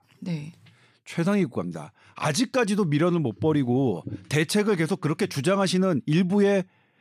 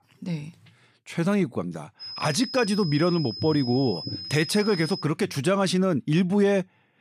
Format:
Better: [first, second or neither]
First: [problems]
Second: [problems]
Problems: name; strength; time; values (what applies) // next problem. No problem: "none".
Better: first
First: none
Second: high-pitched whine; loud; from 2 to 5 s; 5 kHz, 10 dB below the speech